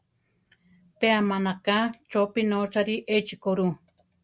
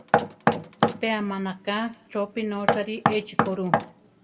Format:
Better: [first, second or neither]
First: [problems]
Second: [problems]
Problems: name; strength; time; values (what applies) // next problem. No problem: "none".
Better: first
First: none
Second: background sound (Knock); 3 dB above the speech // room echo; dies away in 0.9 s